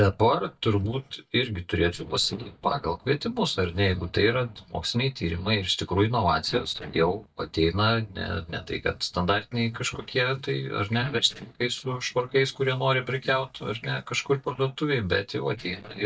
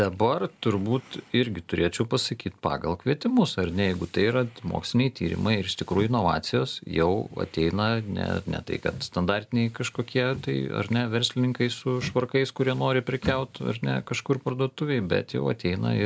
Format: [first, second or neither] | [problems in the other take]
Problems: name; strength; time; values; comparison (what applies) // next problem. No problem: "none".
second | noise reduction (neural mask model DeepFilterNet 3)